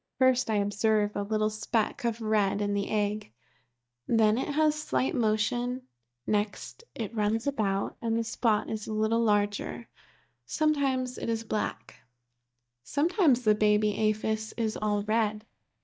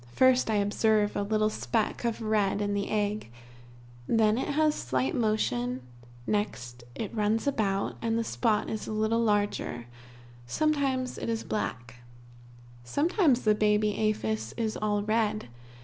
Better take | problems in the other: second | noise reduction (neural mask model DeepFilterNet 3)

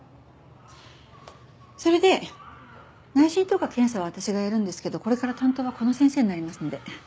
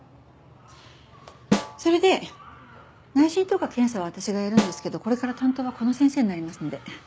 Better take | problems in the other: first | background sound (Snare drum); 5 dB below the speech

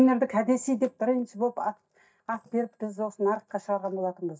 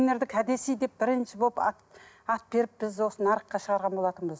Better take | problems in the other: second | noise reduction (neural mask model DeepFilterNet 3)

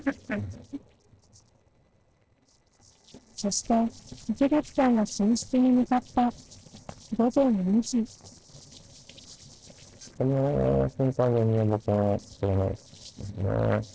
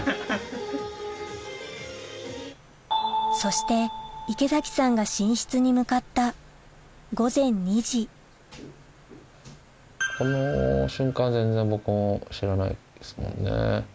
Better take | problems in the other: second | noise reduction (neural separator model SepFormer DNS4)

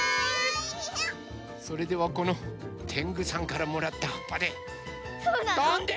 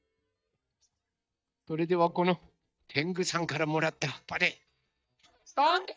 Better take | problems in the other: first | noise reduction (neural mask model DeepFilterNet 3)

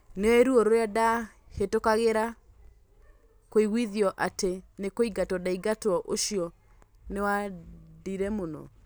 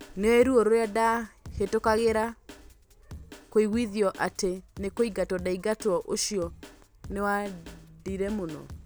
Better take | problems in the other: first | background sound (Drum kit); 19 dB below the speech

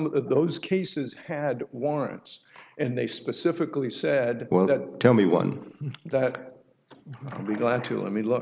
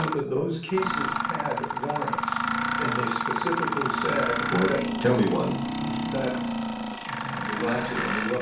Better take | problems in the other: first | background sound (Mechanisms); as loud as the speech // room echo; dies away in 0.4 s

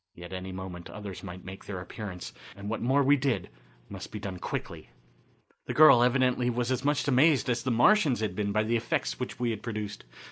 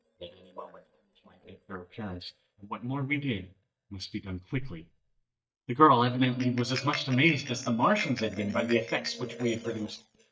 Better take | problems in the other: first | noise reduction (neural mask model DeepFilterNet 3)

